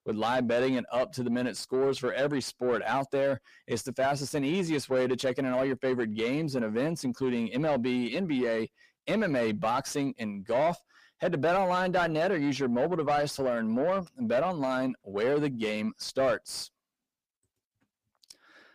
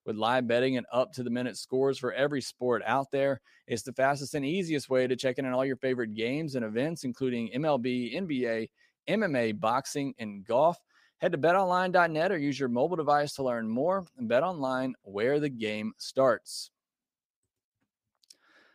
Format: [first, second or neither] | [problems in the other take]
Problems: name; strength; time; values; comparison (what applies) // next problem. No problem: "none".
second | distortion; slight; 10 dB below the speech